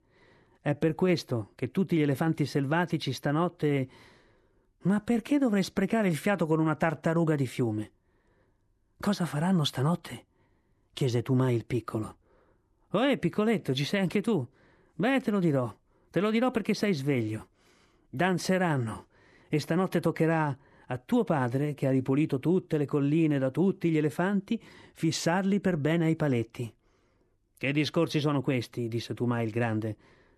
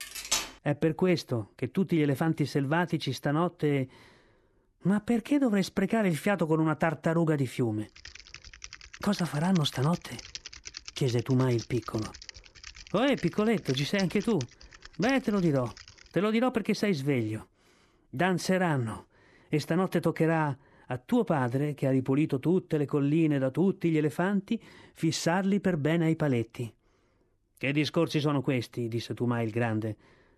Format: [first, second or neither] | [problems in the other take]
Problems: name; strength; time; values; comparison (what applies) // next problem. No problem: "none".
first | clattering dishes; noticeable; at the start; peak 1 dB below the speech // keyboard typing; faint; from 8 to 16 s; peak 10 dB below the speech